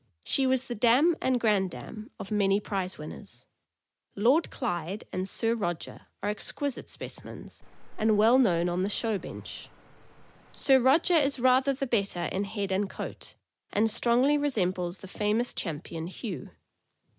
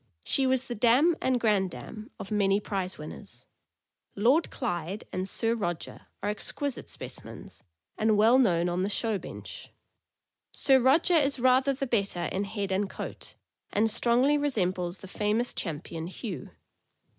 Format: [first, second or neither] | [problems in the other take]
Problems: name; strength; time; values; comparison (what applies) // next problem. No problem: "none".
second | background sound (Cricket); 16 dB below the speech